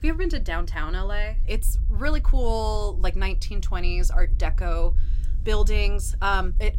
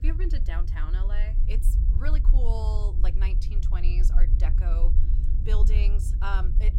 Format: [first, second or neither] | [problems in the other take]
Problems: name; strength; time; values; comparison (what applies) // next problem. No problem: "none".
first | low rumble; loud; throughout; 7 dB below the speech; faint in the first